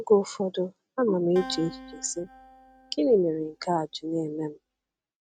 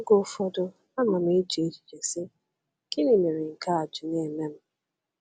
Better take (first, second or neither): second